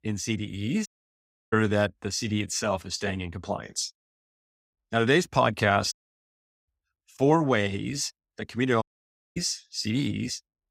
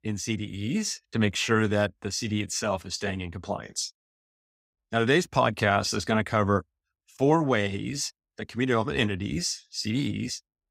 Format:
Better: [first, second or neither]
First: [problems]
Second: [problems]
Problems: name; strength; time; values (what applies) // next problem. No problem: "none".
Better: second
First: audio cutting out; at 1 s for 0.5 s, at 6 s for 1 s and at 9 s for 0.5 s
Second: none